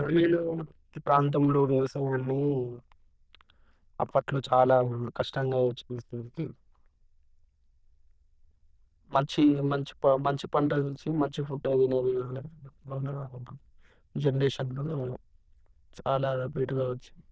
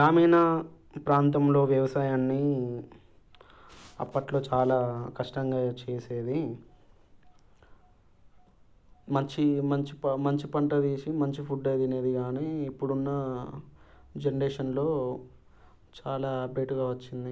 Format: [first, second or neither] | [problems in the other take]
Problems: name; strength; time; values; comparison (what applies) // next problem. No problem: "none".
second | noise reduction (neural diffusion model UNIVERSE++)